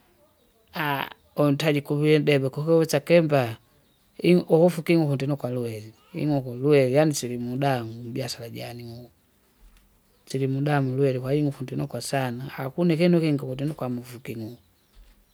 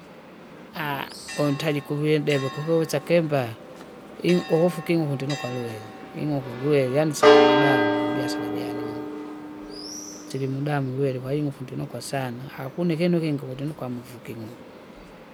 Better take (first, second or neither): first